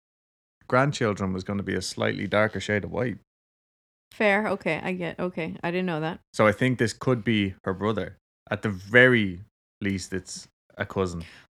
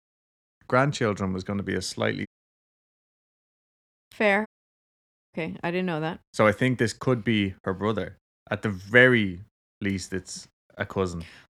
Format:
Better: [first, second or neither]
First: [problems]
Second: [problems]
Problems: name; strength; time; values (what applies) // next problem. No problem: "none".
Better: first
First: none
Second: audio cutting out; at 2.5 s for 1 s and at 4.5 s for 1 s